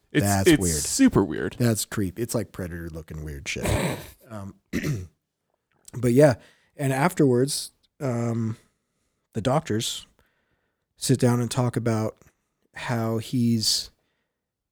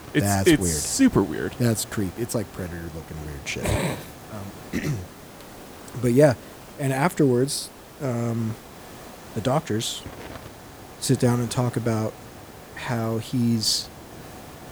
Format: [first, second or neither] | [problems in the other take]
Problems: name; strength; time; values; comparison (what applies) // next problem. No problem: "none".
first | hiss; noticeable; throughout; 15 dB below the speech